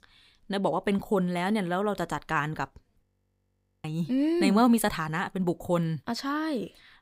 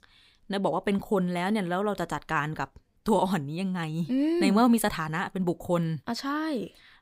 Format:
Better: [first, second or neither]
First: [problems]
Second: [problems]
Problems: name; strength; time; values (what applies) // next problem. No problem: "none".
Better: second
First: audio freezing; at 3 s for 1 s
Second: none